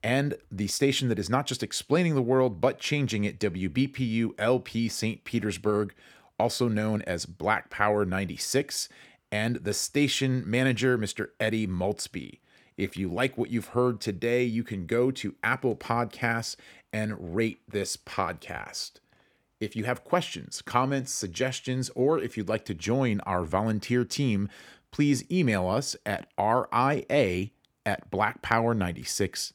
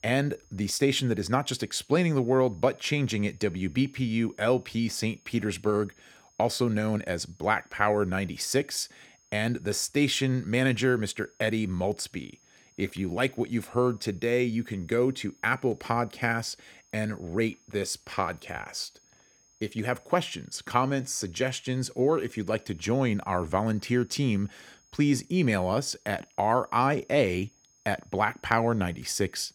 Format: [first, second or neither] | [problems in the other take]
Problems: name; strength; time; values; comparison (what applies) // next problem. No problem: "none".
first | high-pitched whine; faint; throughout; 6.5 kHz, 35 dB below the speech